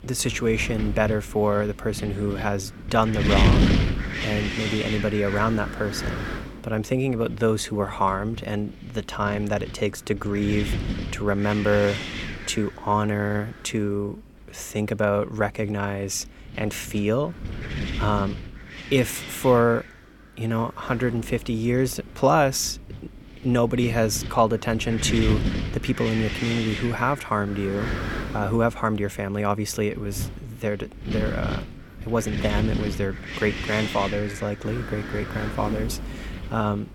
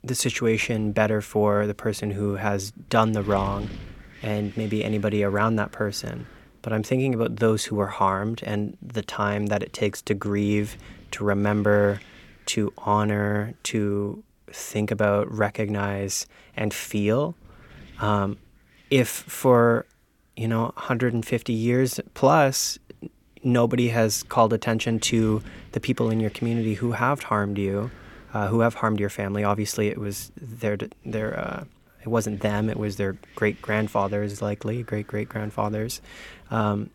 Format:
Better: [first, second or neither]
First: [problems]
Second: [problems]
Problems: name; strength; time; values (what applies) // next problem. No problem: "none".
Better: second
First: wind noise on the microphone; heavy; 6 dB below the speech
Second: wind noise on the microphone; occasional gusts; 25 dB below the speech